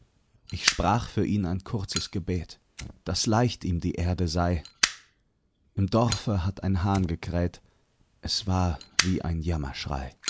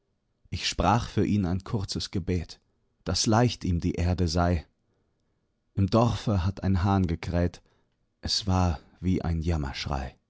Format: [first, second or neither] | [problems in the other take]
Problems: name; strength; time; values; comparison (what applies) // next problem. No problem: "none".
second | background sound (Fire); 9 dB below the speech